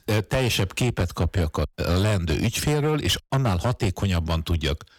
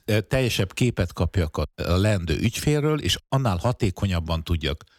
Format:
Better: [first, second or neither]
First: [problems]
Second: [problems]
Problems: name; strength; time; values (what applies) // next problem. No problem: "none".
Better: second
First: distortion; slight; 10 dB below the speech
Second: none